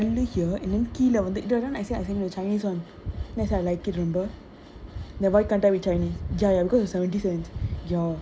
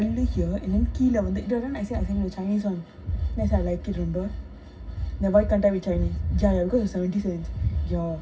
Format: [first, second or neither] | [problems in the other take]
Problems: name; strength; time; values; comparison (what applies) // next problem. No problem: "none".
first | room echo; dies away in 0.4 s